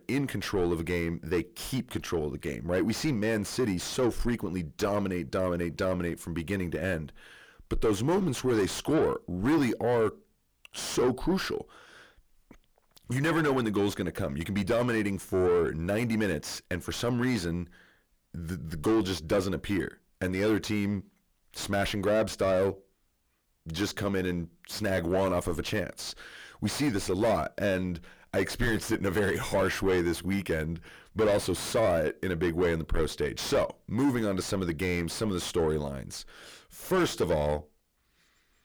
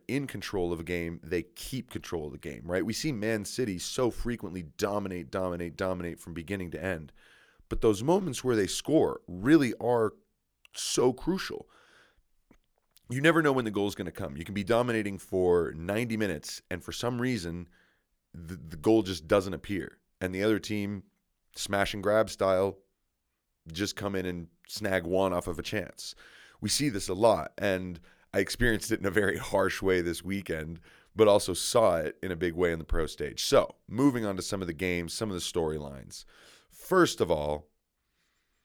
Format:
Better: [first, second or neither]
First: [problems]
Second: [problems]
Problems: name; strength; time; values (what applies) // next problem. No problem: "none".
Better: second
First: distortion; heavy; 6 dB below the speech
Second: none